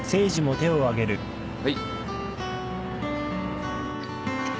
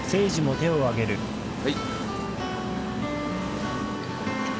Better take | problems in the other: first | background sound (Train); 6 dB below the speech

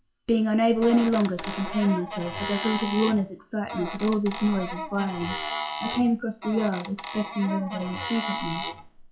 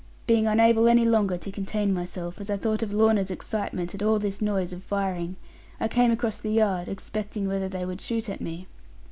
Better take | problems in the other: second | noise reduction (classical method WPE with log-MMSE)

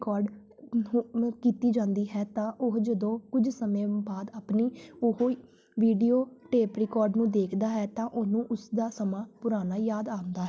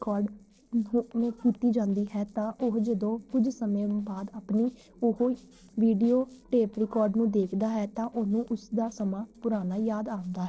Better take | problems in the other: first | noise reduction (neural separator model SepFormer DNS4)

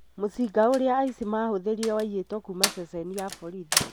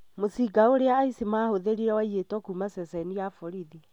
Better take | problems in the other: second | background sound (Slam); 7 dB below the speech

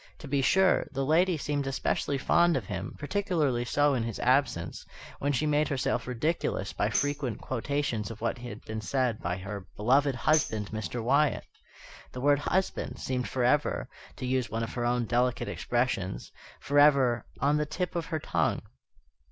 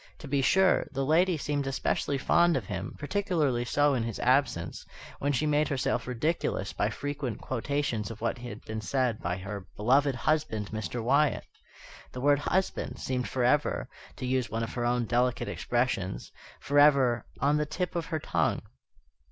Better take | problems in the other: second | background sound (Tambourine); 11 dB below the speech

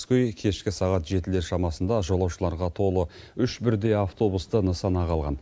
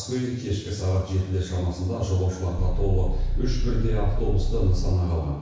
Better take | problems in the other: first | background sound (Idling / Car); 3 dB above the speech // room echo; dies away in 1.1 s

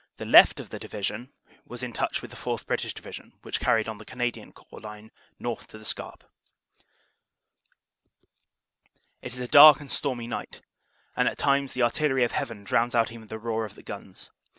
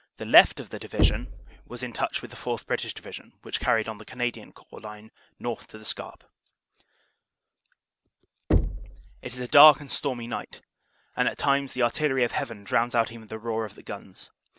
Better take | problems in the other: first | background sound (Knock); 2 dB below the speech

